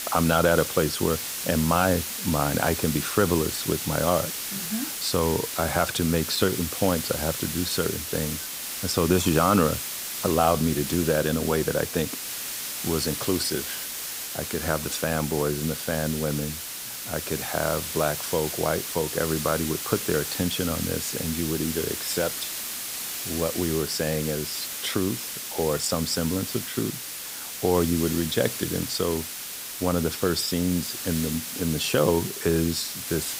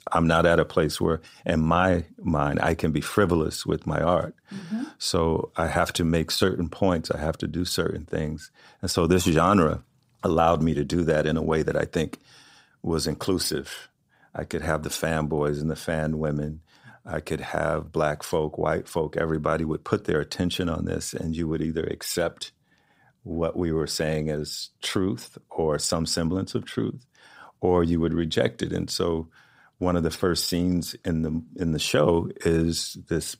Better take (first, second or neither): second